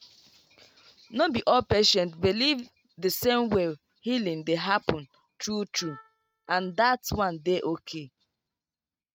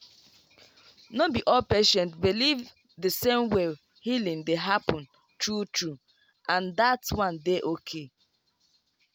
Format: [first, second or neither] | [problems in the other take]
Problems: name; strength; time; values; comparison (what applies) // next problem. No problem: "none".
second | noise reduction (neural mask model RNNoise)